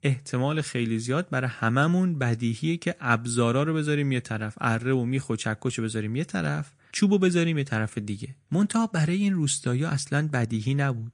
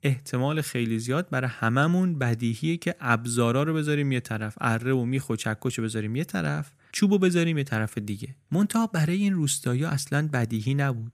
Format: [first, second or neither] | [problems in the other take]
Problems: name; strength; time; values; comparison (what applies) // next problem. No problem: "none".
second | garbled, watery; slightly; nothing above 9.5 kHz